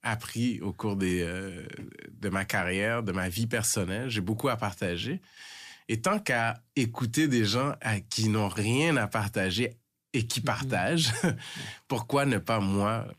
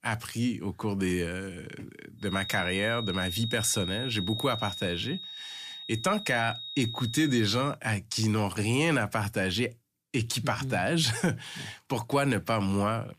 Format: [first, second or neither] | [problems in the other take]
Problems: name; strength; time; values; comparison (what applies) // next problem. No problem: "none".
first | high-pitched whine; loud; from 2.5 to 7.5 s; 4 kHz, 7 dB below the speech